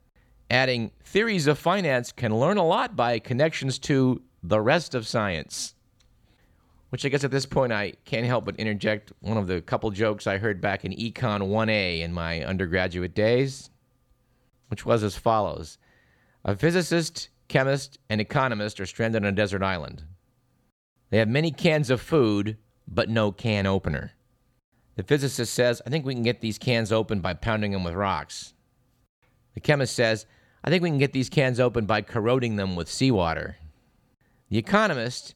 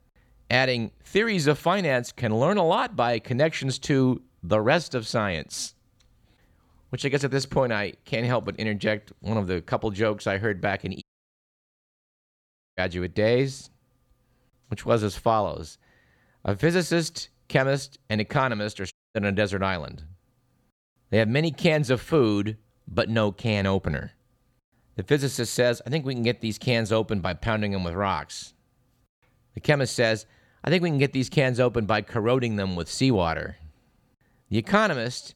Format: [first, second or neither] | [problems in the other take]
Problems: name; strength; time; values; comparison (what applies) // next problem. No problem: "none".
first | audio cutting out; at 11 s for 2 s and at 19 s